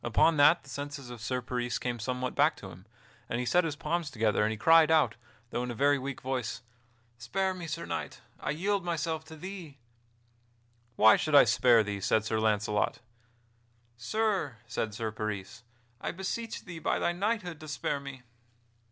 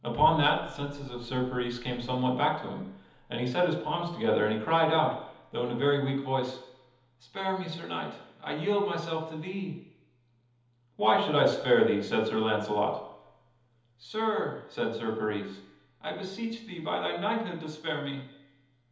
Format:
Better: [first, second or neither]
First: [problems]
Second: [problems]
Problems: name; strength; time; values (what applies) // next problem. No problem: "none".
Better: first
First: none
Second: room echo; dies away in 1.3 s